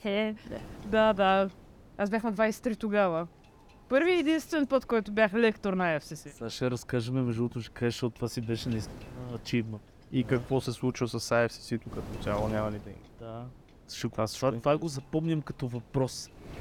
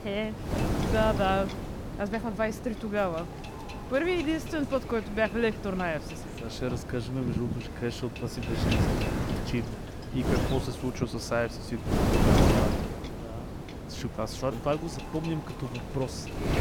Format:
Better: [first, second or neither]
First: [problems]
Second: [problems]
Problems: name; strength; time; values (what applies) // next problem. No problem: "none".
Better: first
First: wind noise on the microphone; occasional gusts; 25 dB below the speech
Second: wind noise on the microphone; heavy; 4 dB below the speech